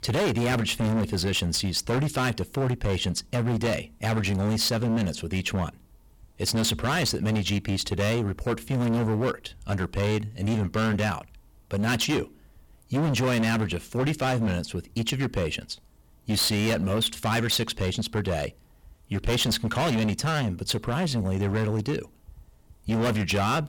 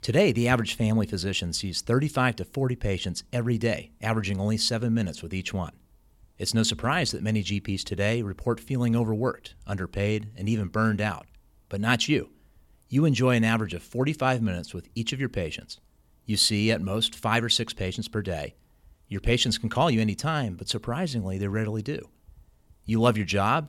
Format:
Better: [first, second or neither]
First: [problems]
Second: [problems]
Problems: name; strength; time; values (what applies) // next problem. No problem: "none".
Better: second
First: distortion; heavy; 21% of the sound clipped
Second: none